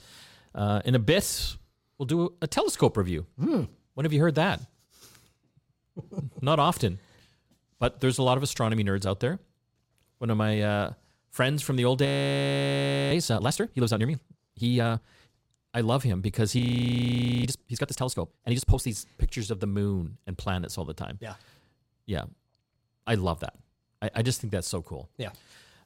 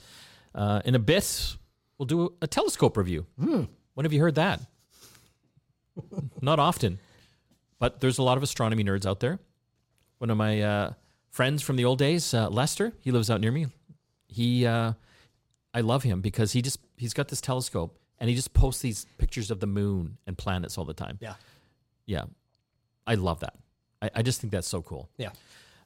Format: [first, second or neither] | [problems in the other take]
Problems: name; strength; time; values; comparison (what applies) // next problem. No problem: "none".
second | audio freezing; at 12 s for 1 s and at 17 s for 1 s